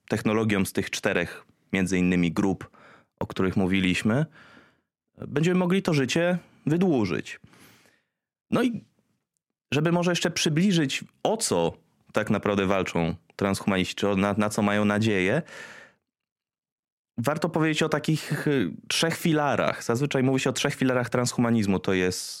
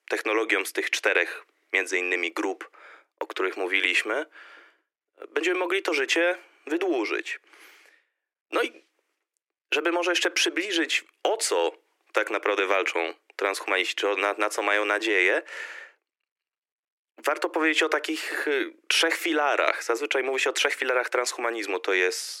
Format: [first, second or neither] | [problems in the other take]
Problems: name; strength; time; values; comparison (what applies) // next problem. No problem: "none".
first | thin; very; fading below 300 Hz